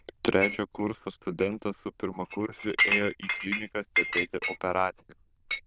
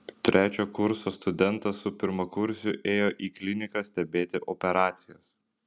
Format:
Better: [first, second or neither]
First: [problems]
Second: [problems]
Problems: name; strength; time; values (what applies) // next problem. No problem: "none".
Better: second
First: noise reduction (neural diffusion model UNIVERSE++)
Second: none